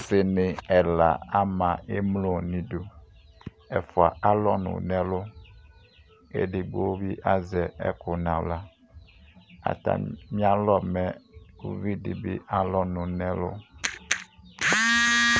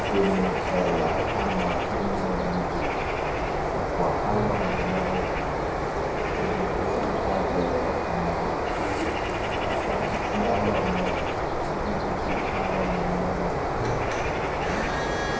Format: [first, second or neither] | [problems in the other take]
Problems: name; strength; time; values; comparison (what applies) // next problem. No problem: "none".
first | background sound (Bird); 5 dB above the speech // room echo; dies away in 0.7 s